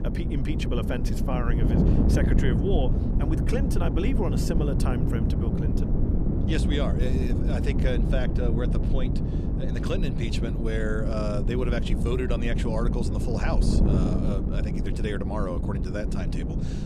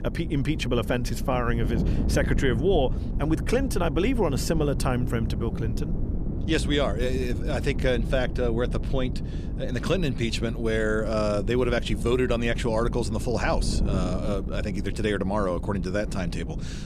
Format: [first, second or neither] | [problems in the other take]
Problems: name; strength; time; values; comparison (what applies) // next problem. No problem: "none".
second | wind noise on the microphone; heavy; 2 dB below the speech; occasional gusts in the second